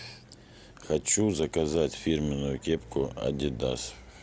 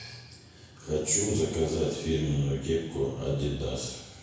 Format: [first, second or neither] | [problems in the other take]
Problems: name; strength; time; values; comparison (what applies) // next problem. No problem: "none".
first | room echo; dies away in 1 s